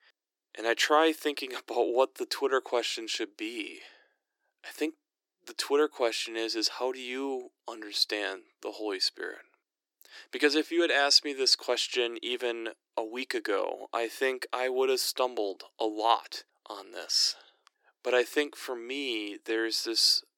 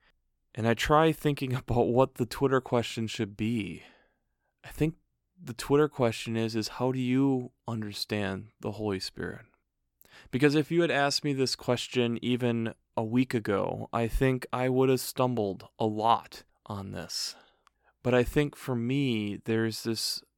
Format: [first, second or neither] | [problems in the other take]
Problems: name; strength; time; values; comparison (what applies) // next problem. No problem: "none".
second | thin; very; fading below 300 Hz